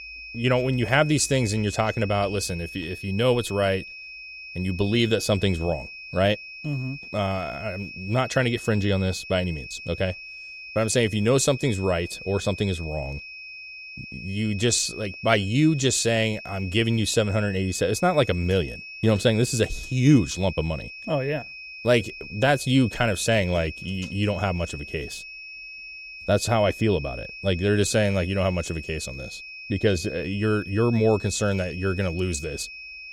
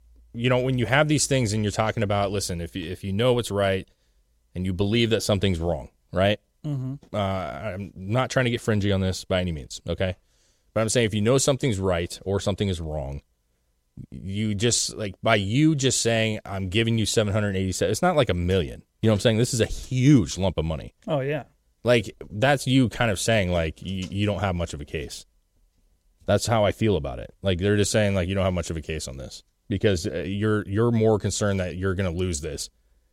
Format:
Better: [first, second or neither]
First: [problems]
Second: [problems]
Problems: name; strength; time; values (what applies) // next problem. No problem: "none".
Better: second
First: high-pitched whine; noticeable; throughout; 2.5 kHz, 15 dB below the speech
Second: none